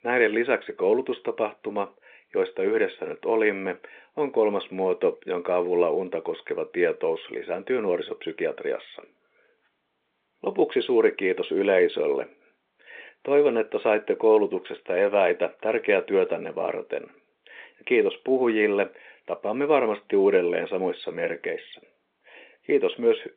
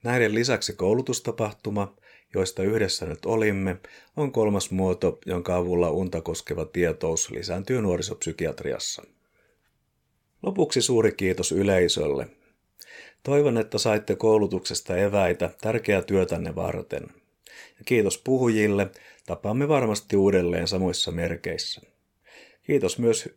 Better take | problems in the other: second | phone-call audio; nothing above 3.5 kHz

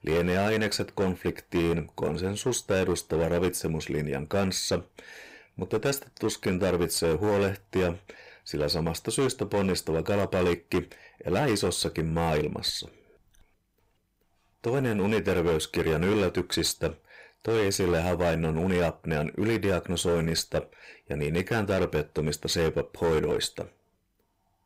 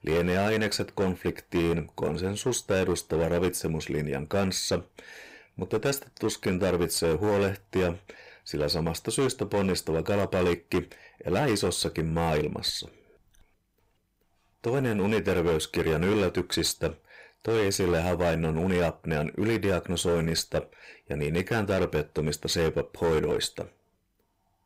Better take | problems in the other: neither | distortion; slight; 12% of the sound clipped; the same in both

